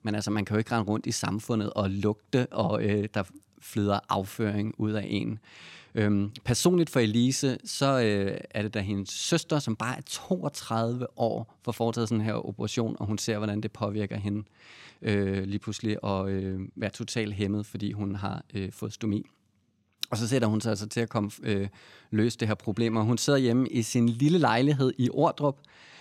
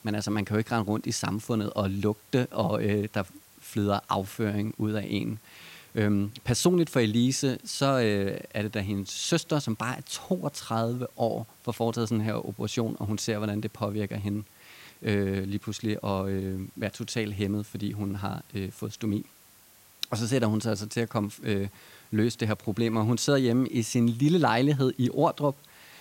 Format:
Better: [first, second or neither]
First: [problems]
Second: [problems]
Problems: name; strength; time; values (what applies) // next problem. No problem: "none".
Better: first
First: none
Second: hiss; faint; throughout; 25 dB below the speech